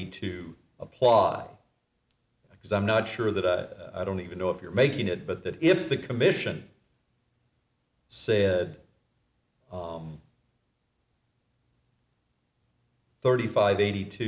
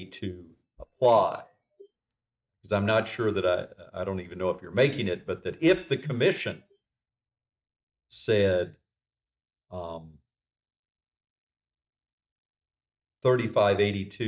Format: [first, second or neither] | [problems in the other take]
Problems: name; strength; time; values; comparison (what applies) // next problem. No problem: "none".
first | noise reduction (neural mask model DeepFilterNet 3)